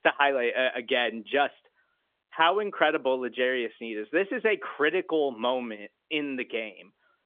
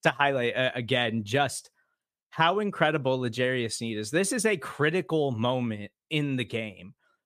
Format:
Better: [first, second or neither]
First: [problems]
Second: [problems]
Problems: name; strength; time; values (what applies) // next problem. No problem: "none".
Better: second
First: phone-call audio; nothing above 3.5 kHz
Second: none